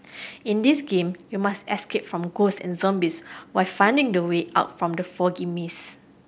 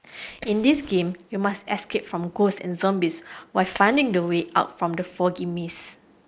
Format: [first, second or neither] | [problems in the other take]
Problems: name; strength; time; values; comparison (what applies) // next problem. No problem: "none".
first | noise reduction (neural mask model Resemble Enhance denoiser)